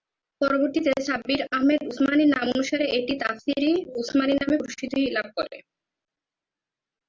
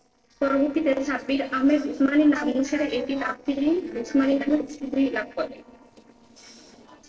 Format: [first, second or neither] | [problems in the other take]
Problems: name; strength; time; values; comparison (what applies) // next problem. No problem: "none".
first | noise reduction (neural separator model SepFormer DNS4)